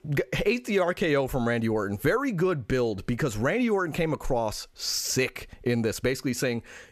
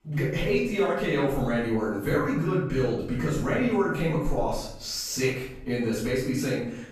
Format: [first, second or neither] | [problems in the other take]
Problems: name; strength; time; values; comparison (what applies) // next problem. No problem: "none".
first | off-mic speech; far // room echo; noticeable; dies away in 0.6 s